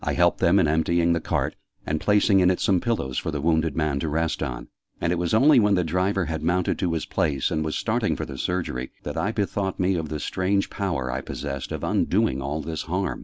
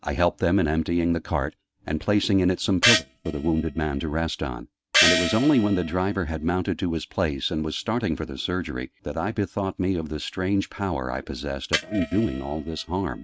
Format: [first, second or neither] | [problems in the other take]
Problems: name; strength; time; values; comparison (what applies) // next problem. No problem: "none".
first | noise reduction (neural mask model RNNoise)